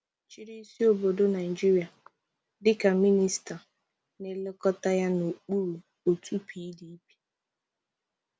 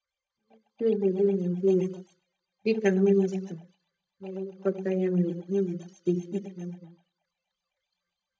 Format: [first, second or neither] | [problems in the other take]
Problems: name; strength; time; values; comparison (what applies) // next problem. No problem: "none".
first | noise reduction (neural mask model DeepFilterNet 3)